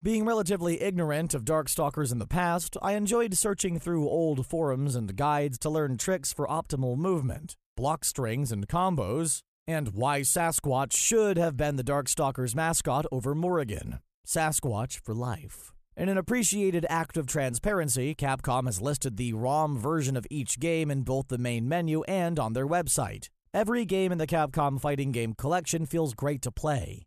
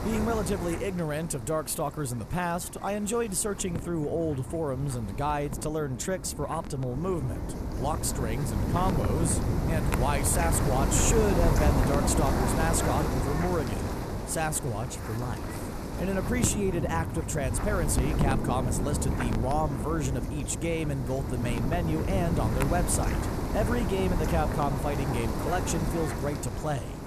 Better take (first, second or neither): first